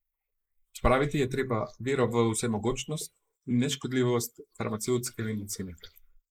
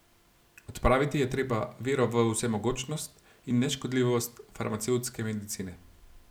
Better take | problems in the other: second | noise reduction (neural mask model Resemble Enhance denoiser)

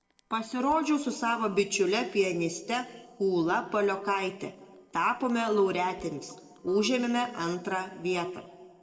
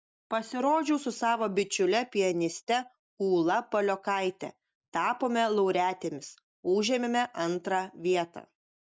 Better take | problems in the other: second | noise reduction (neural separator model SepFormer DNS4)

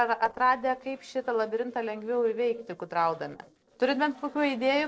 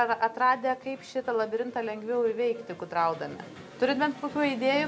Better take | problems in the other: second | noise reduction (neural separator model SepFormer DNS4)

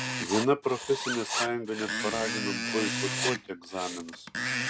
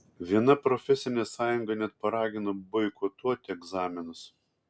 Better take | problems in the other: second | background sound (Screech + Writing); 1 dB below the speech

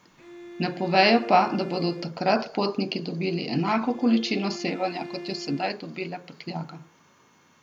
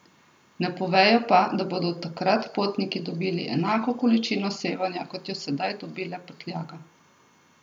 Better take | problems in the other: second | background sound (Bowed string instrument); 14 dB below the speech

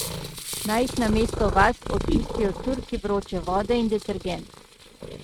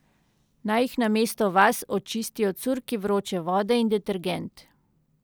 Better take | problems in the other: second | noise reduction (neural mask model RNNoise)

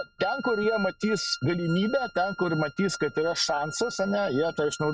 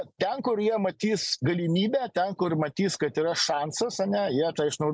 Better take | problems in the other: second | noise reduction (neural mask model RNNoise)

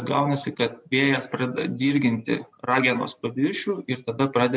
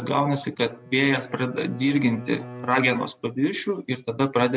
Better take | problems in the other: first | background sound (Bowed string instrument); 16 dB below the speech

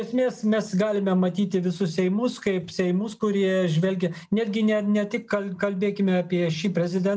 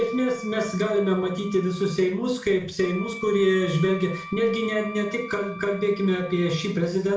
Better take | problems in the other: first | background sound (Wind instrument, woodwind instrument); 16 dB below the speech // room echo; dies away in 0.4 s

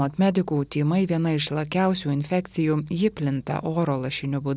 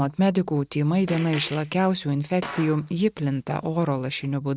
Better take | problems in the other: first | noise reduction (neural mask model RNNoise)

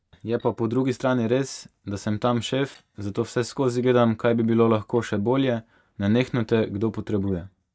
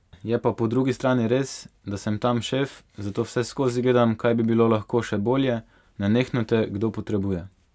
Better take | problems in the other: second | noise reduction (neural mask model DeepFilterNet 3)

